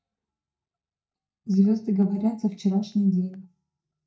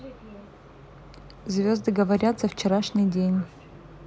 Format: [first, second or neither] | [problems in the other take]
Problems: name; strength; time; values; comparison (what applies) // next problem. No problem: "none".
second | noise reduction (neural mask model DeepFilterNet 3)